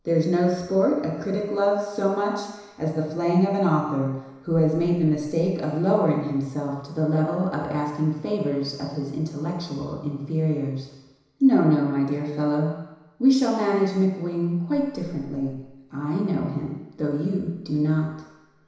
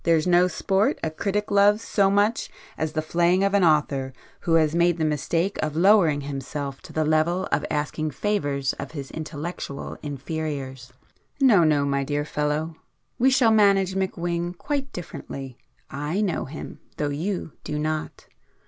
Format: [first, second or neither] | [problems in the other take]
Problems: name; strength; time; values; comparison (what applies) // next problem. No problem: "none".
second | room echo; dies away in 1 s